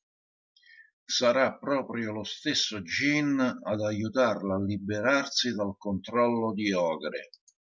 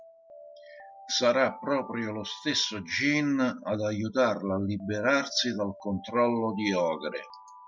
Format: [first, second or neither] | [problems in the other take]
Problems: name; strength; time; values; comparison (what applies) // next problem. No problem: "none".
first | background sound (Alarm); 19 dB below the speech